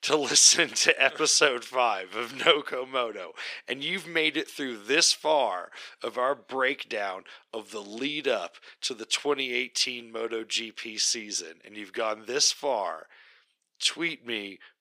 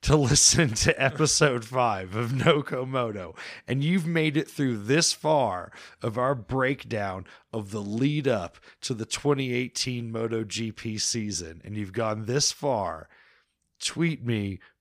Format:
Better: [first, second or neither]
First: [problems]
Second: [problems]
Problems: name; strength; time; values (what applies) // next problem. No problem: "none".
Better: second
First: thin; somewhat; fading below 350 Hz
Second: none